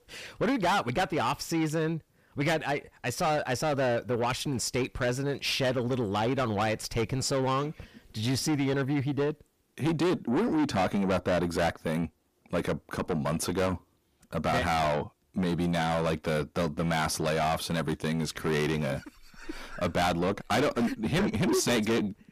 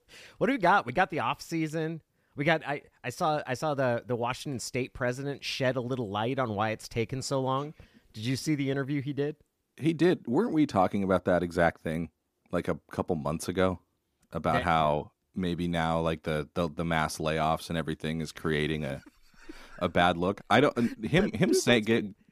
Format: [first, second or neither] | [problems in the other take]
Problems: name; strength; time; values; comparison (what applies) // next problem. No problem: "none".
second | distortion; heavy; 5 dB below the speech